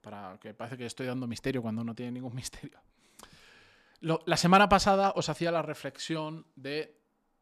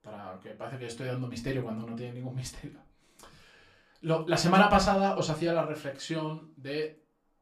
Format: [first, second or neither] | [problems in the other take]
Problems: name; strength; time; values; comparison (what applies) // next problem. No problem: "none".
first | off-mic speech; far // room echo; very slight; dies away in 0.2 s